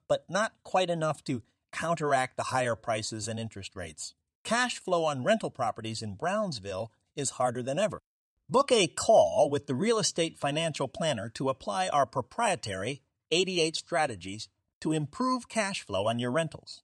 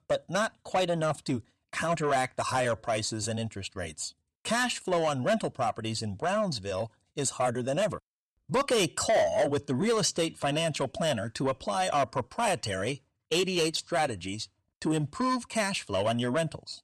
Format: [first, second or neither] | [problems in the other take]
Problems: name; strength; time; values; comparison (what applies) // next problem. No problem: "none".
first | distortion; slight; 10 dB below the speech